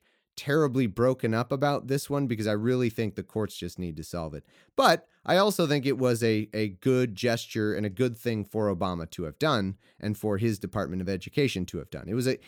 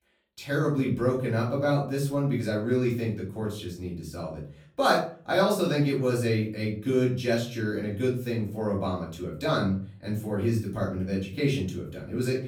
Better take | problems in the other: first | off-mic speech; far // room echo; slight; dies away in 0.4 s

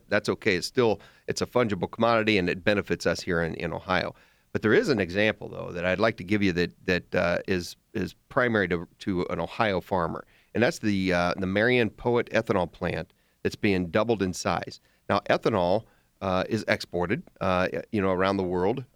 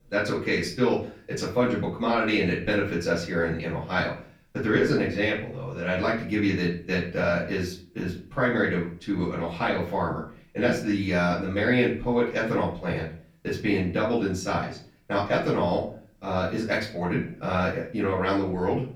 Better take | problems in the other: first | off-mic speech; far // room echo; slight; dies away in 0.4 s

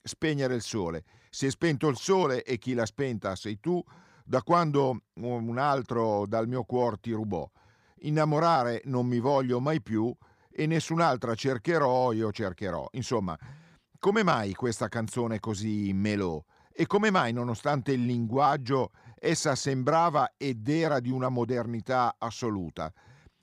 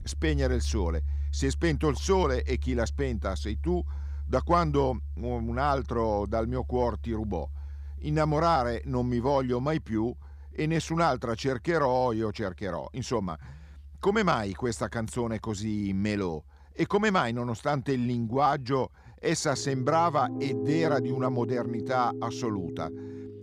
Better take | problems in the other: first | background music; loud; throughout; 7 dB below the speech

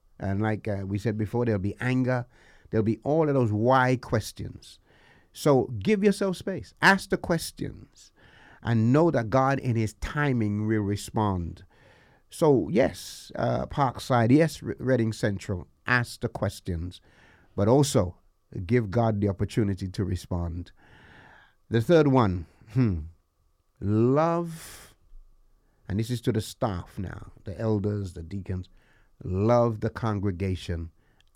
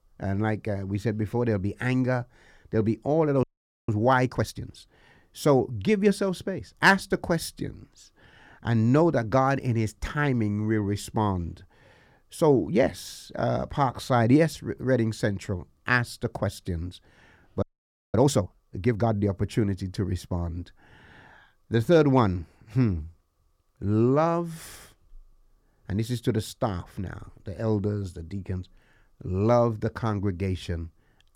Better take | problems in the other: first | audio freezing; at 3.5 s and at 18 s for 0.5 s

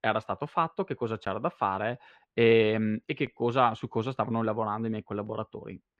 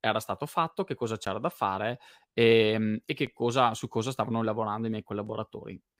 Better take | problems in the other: second | muffled; slightly; fading above 2 kHz

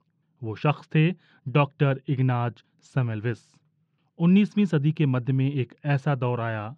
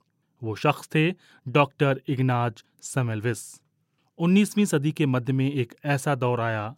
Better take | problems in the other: second | muffled; slightly; fading above 4 kHz

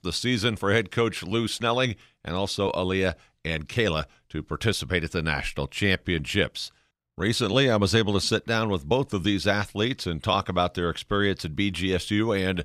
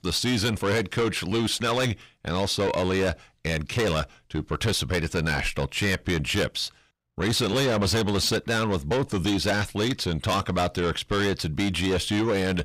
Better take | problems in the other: first | distortion; heavy; 6 dB below the speech

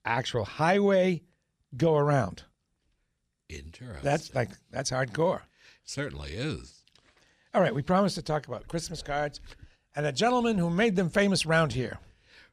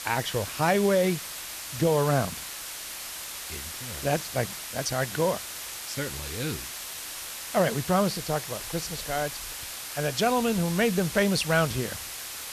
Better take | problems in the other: first | hiss; loud; throughout; 7 dB below the speech

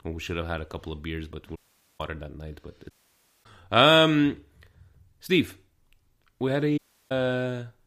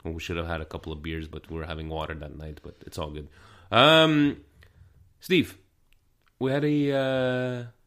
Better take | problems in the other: second | audio cutting out; at 1.5 s, at 3 s for 0.5 s and at 7 s

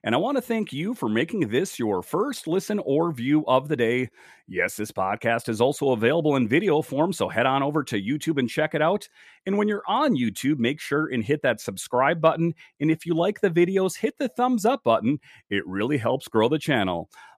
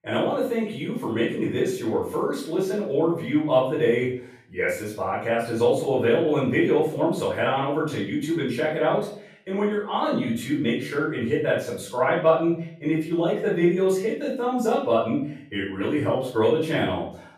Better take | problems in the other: first | room echo; noticeable; dies away in 0.5 s // off-mic speech; far

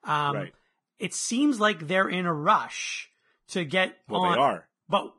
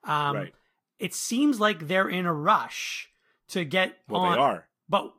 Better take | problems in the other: second | garbled, watery; badly; nothing above 10.5 kHz; slightly in the second

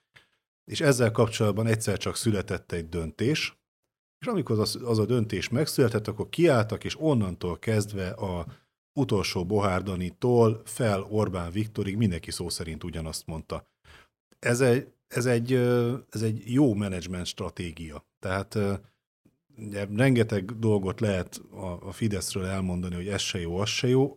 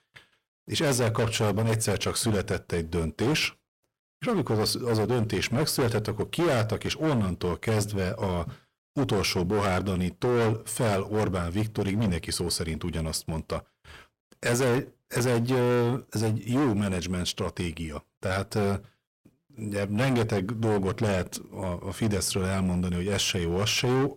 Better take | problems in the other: first | distortion; heavy; 16% of the sound clipped

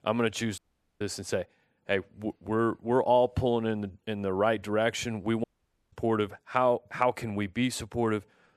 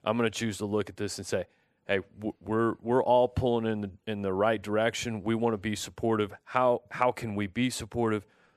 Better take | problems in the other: second | audio cutting out; at 0.5 s and at 5.5 s

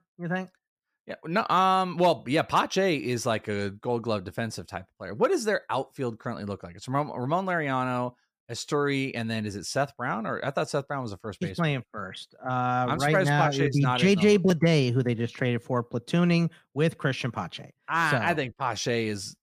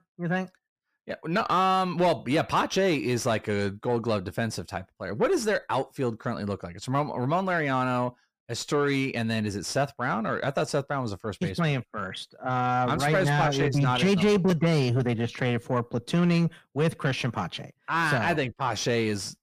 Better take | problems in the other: first | distortion; slight; 10 dB below the speech

